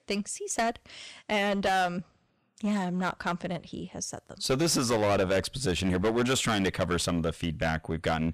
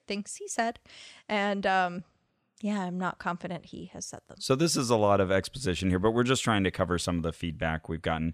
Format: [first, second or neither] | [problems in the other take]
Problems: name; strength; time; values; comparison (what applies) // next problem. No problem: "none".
second | distortion; heavy; 11% of the sound clipped